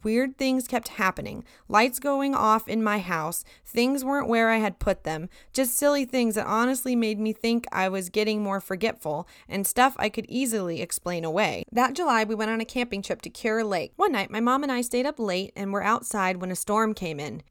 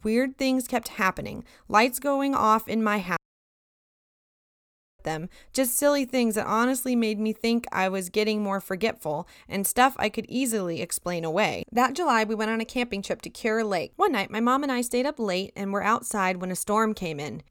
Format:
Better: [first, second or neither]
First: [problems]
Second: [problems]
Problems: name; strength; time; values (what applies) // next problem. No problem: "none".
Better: first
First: none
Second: audio cutting out; at 3 s for 2 s